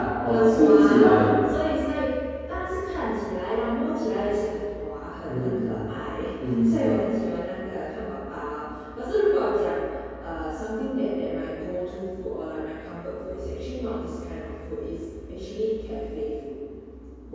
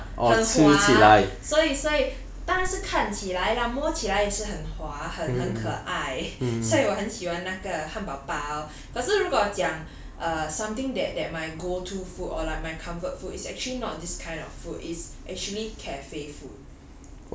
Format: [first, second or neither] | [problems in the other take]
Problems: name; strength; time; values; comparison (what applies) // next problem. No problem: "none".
second | background sound (Bowed string instrument); 18 dB below the speech // room echo; dies away in 2.2 s